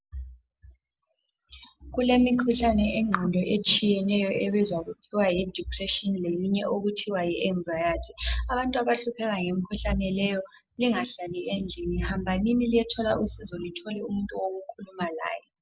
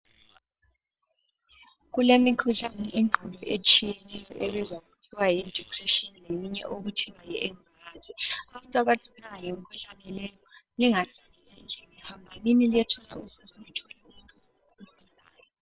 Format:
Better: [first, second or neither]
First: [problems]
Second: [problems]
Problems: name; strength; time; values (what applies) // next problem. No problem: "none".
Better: first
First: none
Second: noise reduction (neural separator model SepFormer WHAM!)